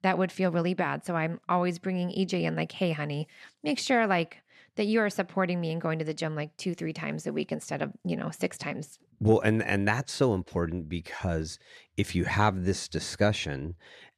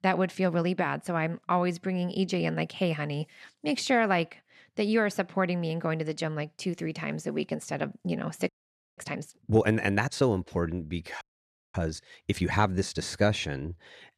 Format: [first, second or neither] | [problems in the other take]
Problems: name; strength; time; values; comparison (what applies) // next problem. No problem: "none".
first | audio freezing; at 8.5 s and at 11 s for 0.5 s